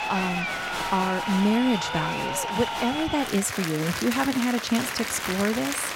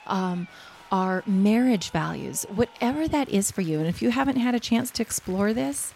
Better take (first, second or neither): second